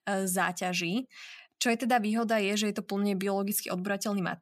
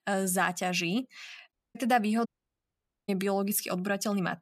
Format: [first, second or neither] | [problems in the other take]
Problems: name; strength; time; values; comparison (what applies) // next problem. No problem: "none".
first | audio cutting out; at 1.5 s and at 2.5 s for 1 s